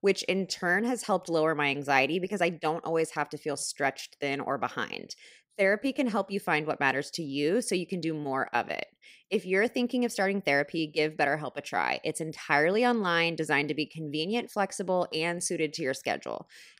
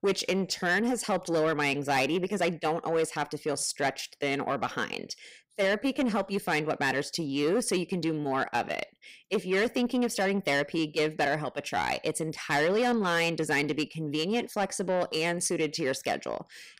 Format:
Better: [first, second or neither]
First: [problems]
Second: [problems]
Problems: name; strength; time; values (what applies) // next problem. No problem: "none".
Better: first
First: none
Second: distortion; slight; 10 dB below the speech